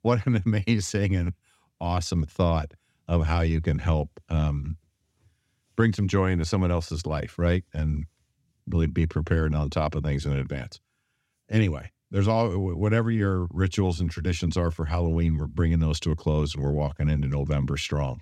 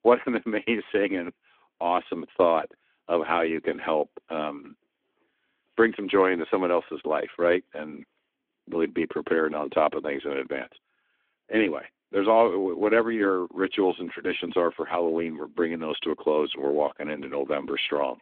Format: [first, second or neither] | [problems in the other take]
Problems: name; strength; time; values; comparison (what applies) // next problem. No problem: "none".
first | phone-call audio; nothing above 3.5 kHz